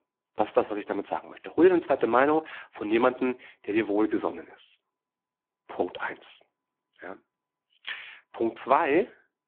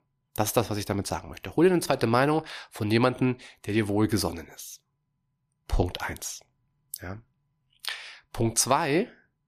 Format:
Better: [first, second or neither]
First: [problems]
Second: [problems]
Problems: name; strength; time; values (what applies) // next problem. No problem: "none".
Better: second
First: phone-call audio; poor line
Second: none